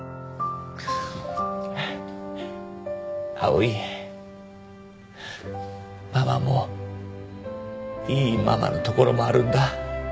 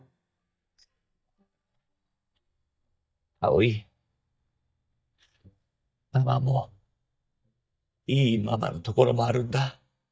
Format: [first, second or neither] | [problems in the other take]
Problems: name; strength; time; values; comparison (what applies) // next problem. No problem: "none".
first | noise reduction (neural mask model DeepFilterNet 3)